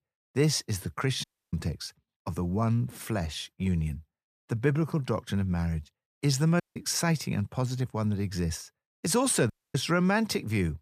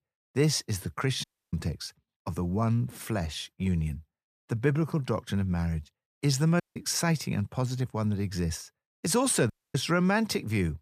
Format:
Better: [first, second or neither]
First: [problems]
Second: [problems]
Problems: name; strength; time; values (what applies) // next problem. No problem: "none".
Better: neither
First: audio cutting out; at 1 s, at 6.5 s and at 9.5 s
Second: audio cutting out; at 1 s, at 6.5 s and at 9.5 s